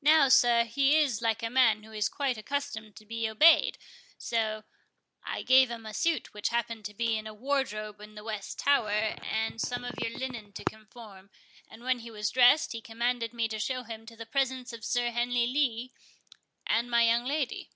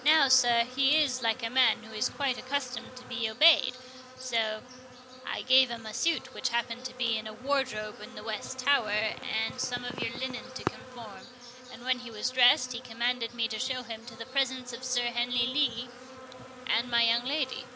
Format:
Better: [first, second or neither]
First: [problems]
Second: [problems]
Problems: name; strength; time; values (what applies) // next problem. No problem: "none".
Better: first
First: none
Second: background sound (Insect); 15 dB below the speech